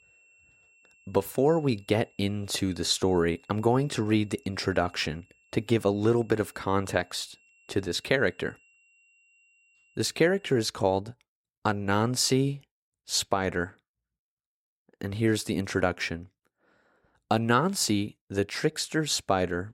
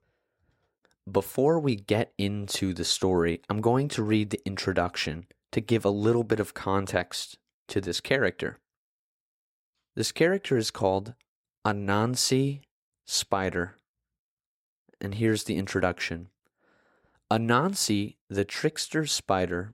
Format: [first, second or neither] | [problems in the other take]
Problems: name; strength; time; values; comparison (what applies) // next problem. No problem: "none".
second | high-pitched whine; faint; until 11 s; 2.5 kHz, 35 dB below the speech